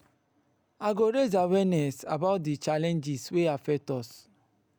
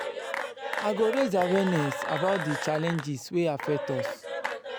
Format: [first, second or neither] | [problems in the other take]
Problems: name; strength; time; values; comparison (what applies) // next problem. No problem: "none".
first | background sound (Applause / Cheering / Clapping); 5 dB below the speech